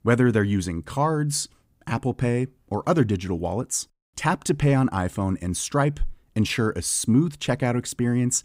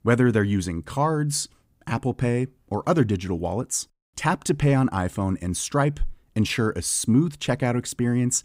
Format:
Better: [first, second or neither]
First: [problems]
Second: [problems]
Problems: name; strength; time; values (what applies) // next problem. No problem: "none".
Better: neither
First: none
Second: none